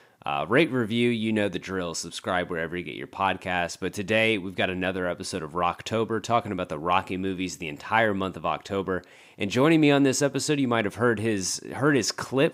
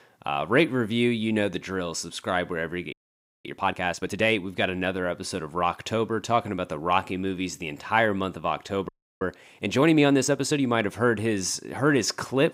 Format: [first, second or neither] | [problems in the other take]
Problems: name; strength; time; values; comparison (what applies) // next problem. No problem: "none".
first | audio freezing; at 3 s for 0.5 s and at 9 s